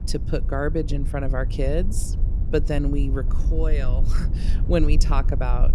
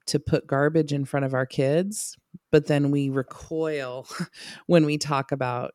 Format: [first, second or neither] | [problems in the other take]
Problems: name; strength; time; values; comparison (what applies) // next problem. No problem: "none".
second | low rumble; noticeable; throughout; 15 dB below the speech